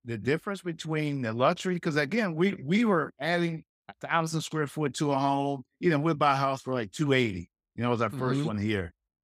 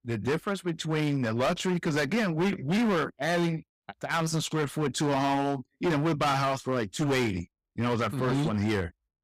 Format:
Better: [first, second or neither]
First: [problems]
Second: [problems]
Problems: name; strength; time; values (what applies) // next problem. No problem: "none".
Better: first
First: none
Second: distortion; heavy; 17% of the sound clipped